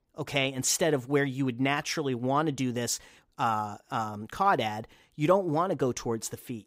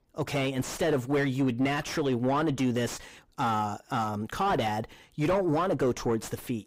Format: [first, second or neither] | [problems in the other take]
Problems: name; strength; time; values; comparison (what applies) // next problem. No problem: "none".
first | distortion; heavy; 5 dB below the speech